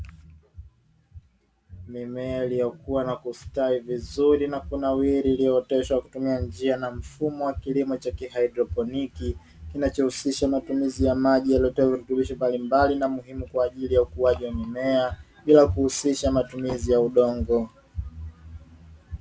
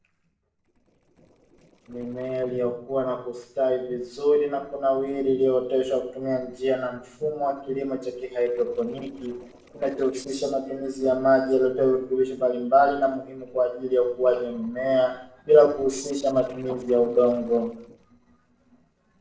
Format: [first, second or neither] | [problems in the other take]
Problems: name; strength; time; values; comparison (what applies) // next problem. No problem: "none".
first | noise reduction (neural separator model SepFormer DNS4)